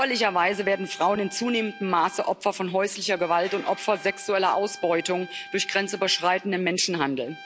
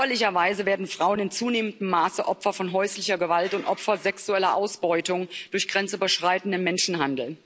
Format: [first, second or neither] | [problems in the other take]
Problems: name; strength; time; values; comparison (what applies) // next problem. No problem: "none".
second | background sound (Trumpet); 19 dB below the speech